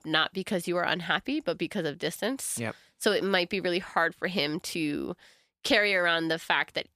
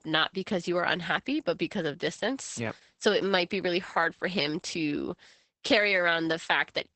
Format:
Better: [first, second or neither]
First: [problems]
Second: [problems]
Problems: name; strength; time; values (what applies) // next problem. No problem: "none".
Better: first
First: none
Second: garbled, watery; badly; nothing above 8 kHz